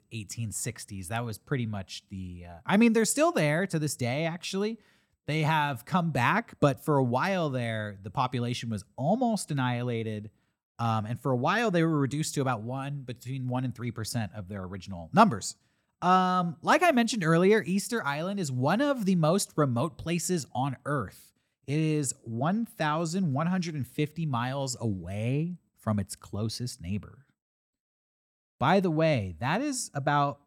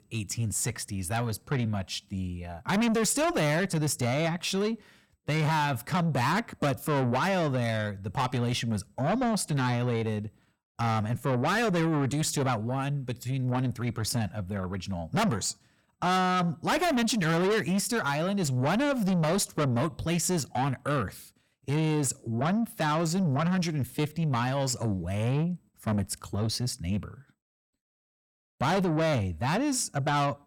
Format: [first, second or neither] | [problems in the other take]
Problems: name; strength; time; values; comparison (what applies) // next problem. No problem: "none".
first | distortion; heavy; 6 dB below the speech